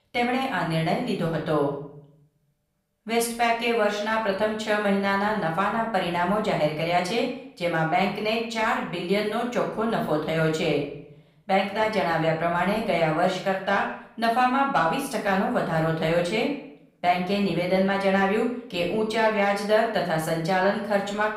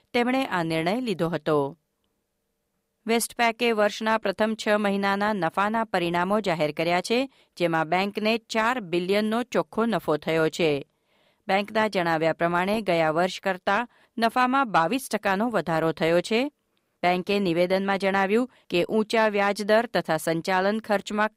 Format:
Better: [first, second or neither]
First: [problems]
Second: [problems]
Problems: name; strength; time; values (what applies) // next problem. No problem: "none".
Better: second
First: off-mic speech; far // room echo; slight; dies away in 0.6 s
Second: none